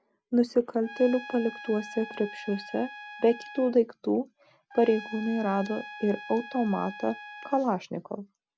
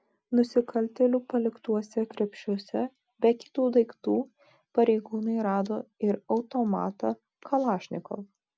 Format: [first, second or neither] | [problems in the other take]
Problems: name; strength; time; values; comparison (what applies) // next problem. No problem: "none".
second | background sound (Trumpet); 16 dB below the speech